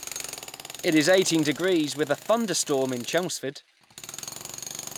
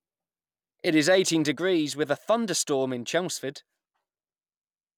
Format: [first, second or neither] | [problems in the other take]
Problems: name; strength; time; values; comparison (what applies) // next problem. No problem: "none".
second | background sound (Tools); 14 dB below the speech